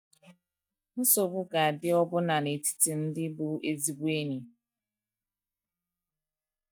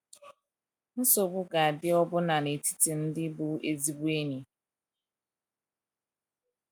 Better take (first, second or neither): second